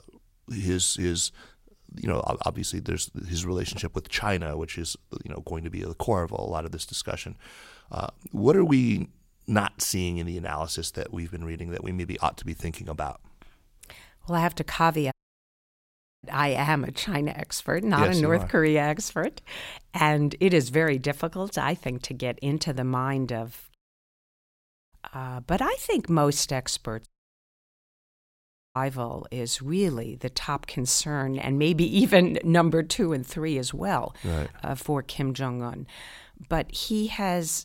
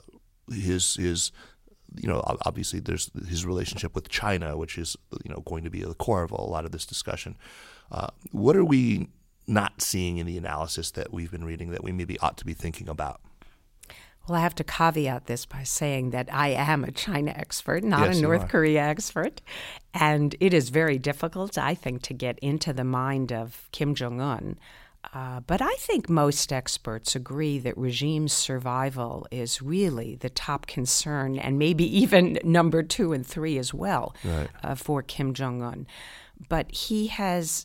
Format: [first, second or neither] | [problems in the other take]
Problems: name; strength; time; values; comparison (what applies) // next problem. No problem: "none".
second | audio cutting out; at 15 s for 1 s, at 24 s for 1 s and at 27 s for 1.5 s